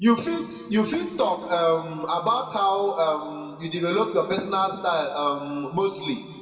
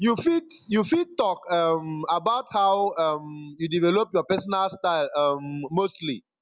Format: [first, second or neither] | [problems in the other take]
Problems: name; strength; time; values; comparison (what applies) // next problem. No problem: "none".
second | room echo; dies away in 1.9 s